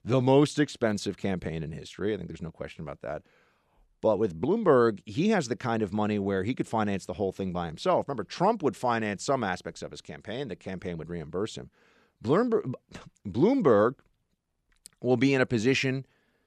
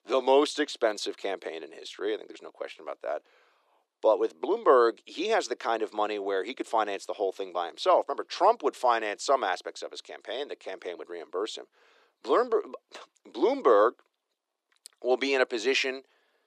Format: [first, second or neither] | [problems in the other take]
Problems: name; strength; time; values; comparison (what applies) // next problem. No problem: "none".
first | thin; very; fading below 300 Hz